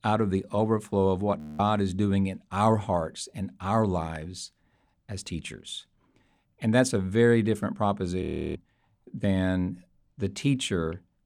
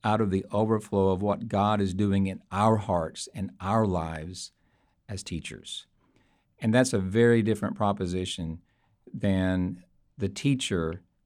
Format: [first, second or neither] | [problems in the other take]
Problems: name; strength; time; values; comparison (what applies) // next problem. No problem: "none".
second | audio freezing; at 1.5 s and at 8 s